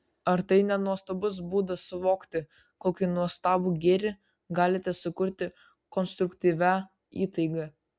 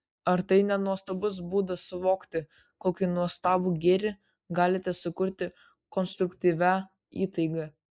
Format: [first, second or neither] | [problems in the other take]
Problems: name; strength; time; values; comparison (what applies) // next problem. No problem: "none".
first | noise reduction (neural mask model Resemble Enhance denoiser)